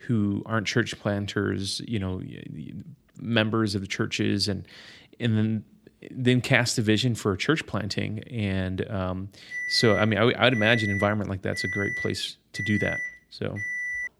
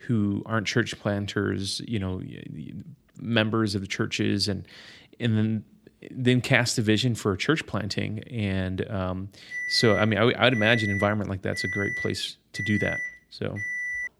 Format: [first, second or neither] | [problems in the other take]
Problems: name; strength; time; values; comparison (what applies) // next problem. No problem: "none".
neither | alarm; noticeable; from 9.5 s on; peak 2 dB below the speech; the same in both